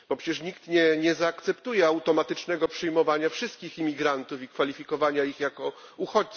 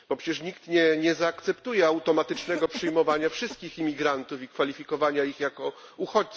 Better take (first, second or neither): first